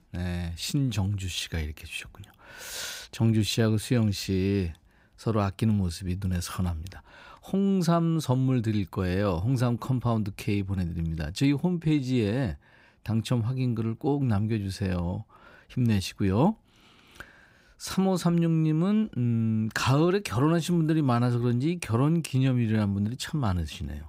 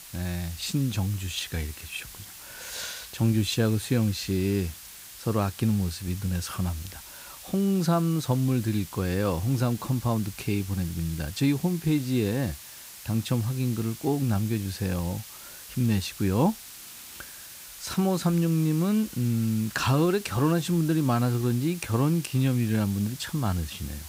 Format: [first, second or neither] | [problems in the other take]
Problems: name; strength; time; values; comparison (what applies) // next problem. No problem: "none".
first | hiss; noticeable; throughout; 15 dB below the speech